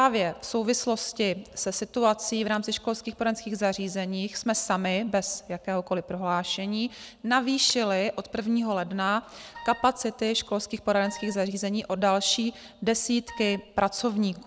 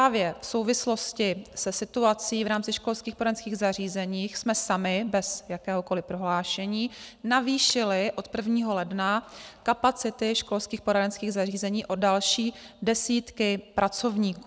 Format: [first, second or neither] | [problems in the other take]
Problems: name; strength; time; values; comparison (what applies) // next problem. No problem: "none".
second | background sound (Wind instrument, woodwind instrument); 17 dB below the speech